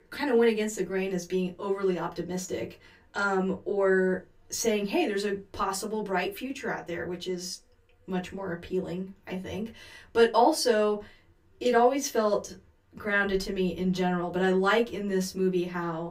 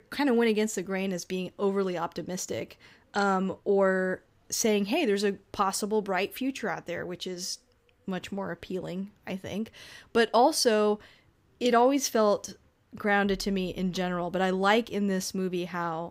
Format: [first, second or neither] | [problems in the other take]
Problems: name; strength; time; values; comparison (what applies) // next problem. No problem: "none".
second | off-mic speech; far // room echo; very slight; dies away in 0.2 s